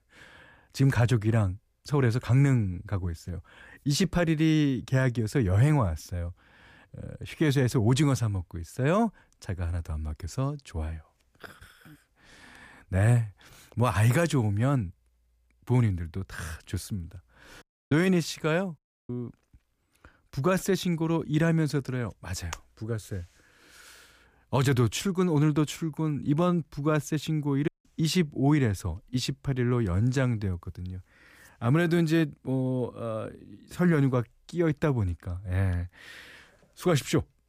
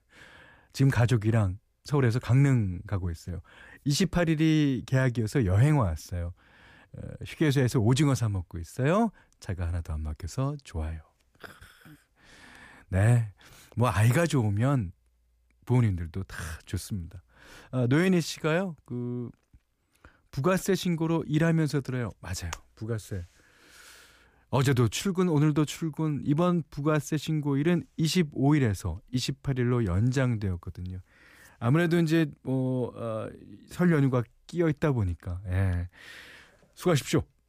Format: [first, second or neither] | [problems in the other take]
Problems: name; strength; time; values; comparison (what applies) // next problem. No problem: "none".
second | audio cutting out; at 18 s, at 19 s and at 28 s